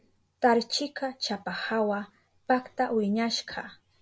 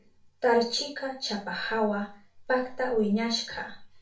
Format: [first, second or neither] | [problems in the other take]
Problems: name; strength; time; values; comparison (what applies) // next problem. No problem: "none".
first | room echo; dies away in 0.3 s